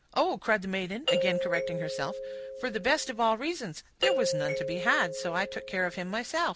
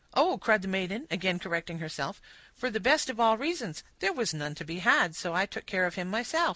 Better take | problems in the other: second | background sound (Doorbell); 2 dB below the speech

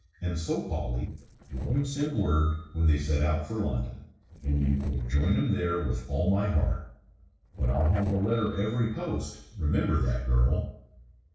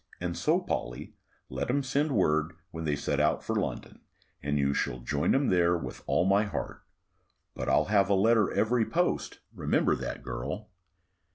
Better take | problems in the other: second | noise reduction (neural separator model SepFormer DNS4)

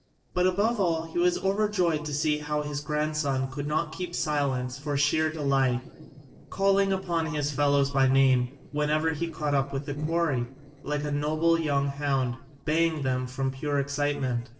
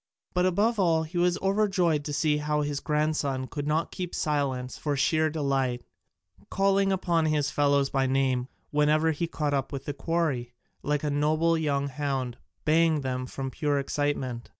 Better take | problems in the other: second | noise reduction (neural separator model SepFormer DNS4)

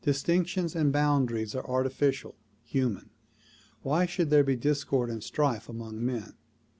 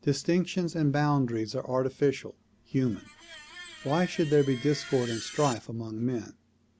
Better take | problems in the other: first | background sound (Screech); 16 dB below the speech

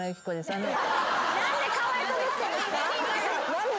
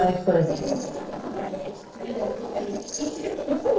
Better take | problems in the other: first | noise reduction (neural separator model SepFormer DNS4)

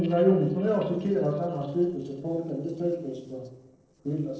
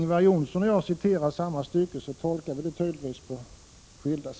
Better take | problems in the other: second | noise reduction (neural separator model SepFormer DNS4)

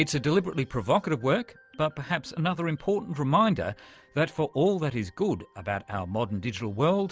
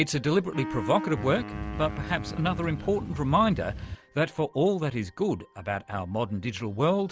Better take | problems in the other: first | background sound (Wind instrument, woodwind instrument + Boat, Water vehicle); 8 dB below the speech

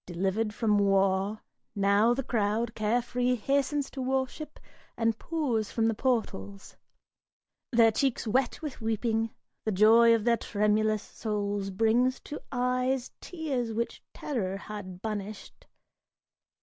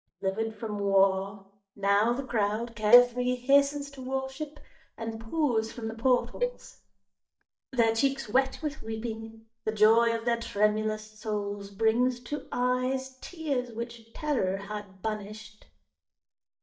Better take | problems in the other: first | noise reduction (neural mask model DeepFilterNet 3)

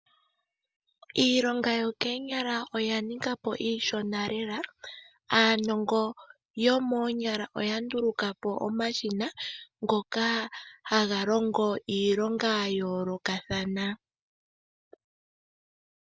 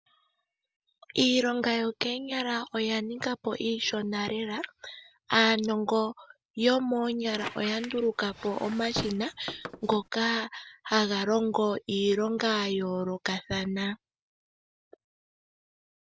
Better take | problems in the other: first | background sound (Squeak); 11 dB below the speech

